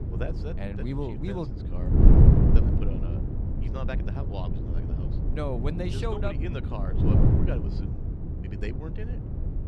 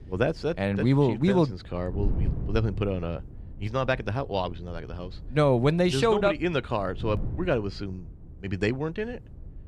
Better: second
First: wind noise on the microphone; heavy; 1 dB above the speech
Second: wind noise on the microphone; occasional gusts; 25 dB below the speech

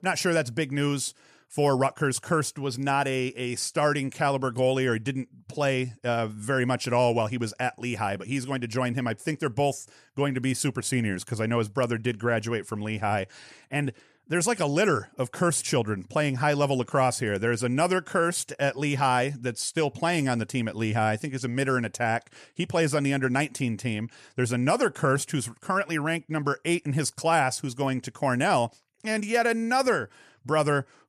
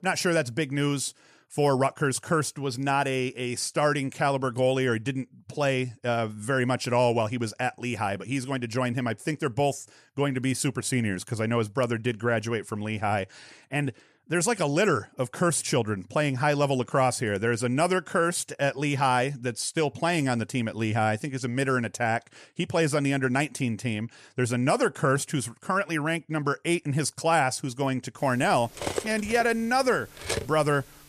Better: first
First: none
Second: clattering dishes; noticeable; from 29 to 30 s; peak 5 dB below the speech

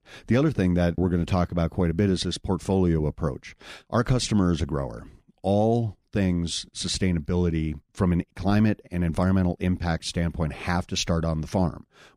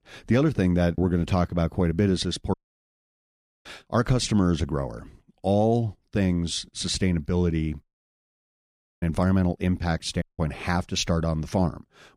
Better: first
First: none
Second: audio cutting out; at 2.5 s for 1 s, at 8 s for 1 s and at 10 s

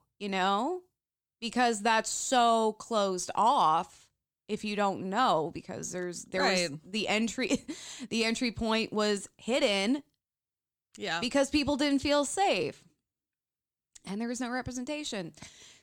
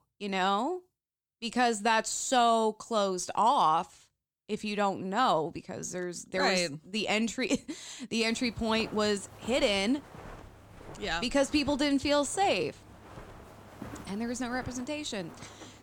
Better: first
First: none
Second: footsteps; faint; from 8.5 s on; peak 15 dB below the speech

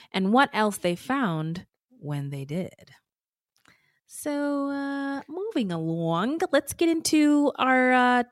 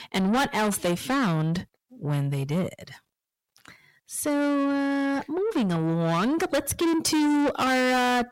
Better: first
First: none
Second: distortion; heavy; 6 dB below the speech

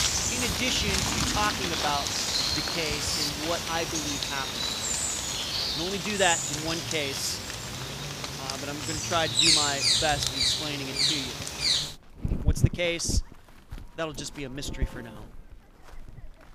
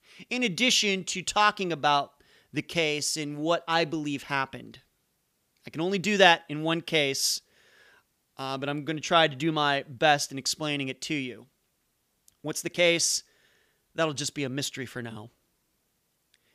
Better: second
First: animal sounds; very loud; throughout; 4 dB above the speech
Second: none

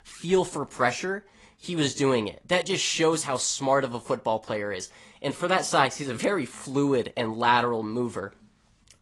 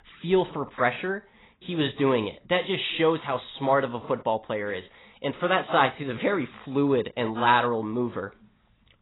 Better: first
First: garbled, watery; slightly; nothing above 10.5 kHz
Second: garbled, watery; badly; nothing above 4 kHz

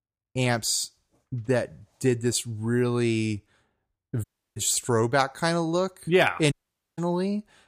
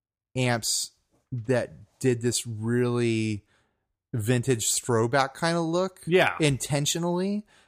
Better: second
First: audio cutting out; at 4 s and at 6.5 s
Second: none

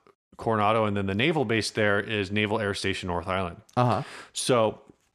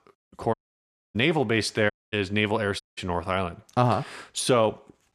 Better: first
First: none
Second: audio cutting out; at 0.5 s for 0.5 s, at 2 s and at 3 s

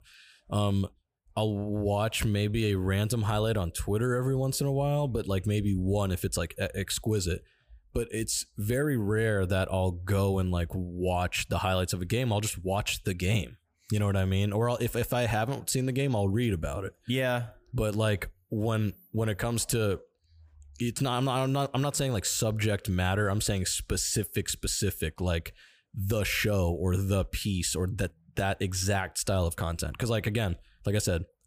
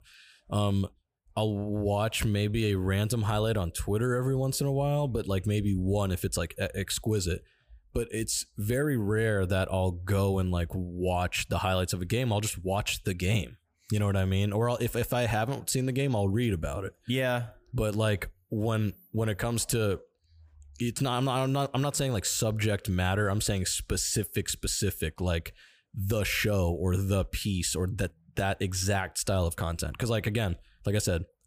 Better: neither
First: none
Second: none

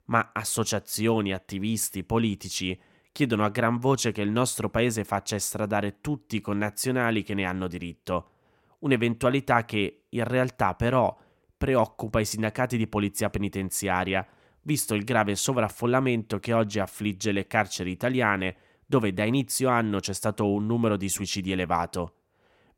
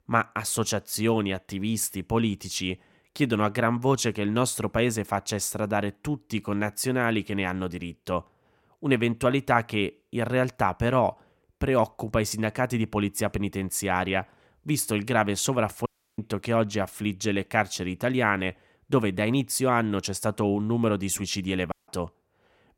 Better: first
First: none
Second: audio cutting out; at 16 s and at 22 s

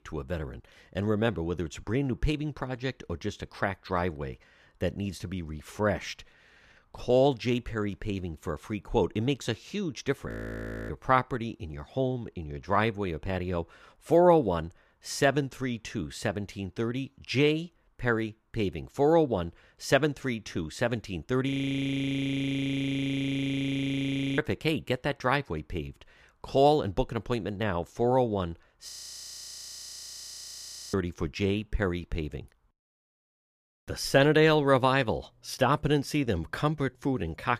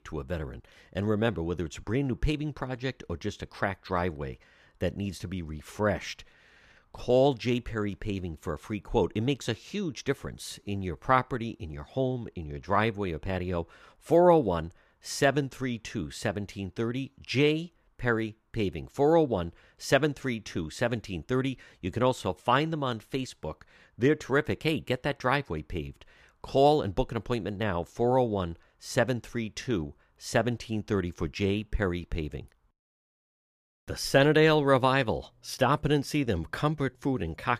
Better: second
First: audio freezing; at 10 s for 0.5 s, at 21 s for 3 s and at 29 s for 2 s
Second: none

